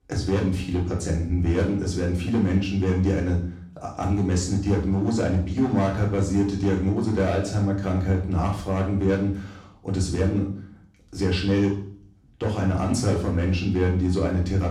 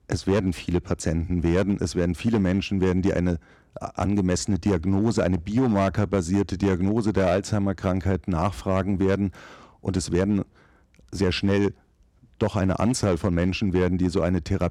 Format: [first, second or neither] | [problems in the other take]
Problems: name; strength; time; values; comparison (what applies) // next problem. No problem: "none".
second | room echo; noticeable; dies away in 0.5 s // off-mic speech; far